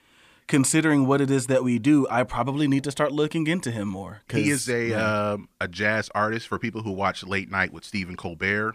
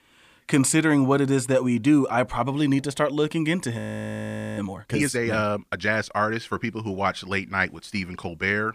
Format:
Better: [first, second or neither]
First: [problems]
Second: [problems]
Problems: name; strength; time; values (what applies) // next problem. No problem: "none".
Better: first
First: none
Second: audio freezing; at 4 s for 1 s